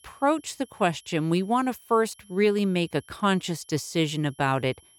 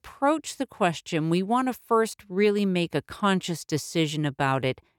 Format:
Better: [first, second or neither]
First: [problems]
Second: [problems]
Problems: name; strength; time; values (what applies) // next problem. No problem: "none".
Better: second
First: high-pitched whine; faint; throughout; 11 kHz, 30 dB below the speech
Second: none